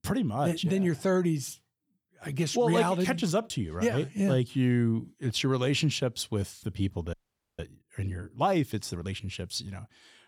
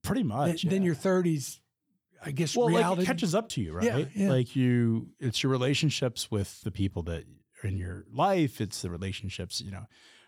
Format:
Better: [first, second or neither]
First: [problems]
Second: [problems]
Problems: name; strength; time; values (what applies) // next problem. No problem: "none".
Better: second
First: audio freezing; at 7 s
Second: none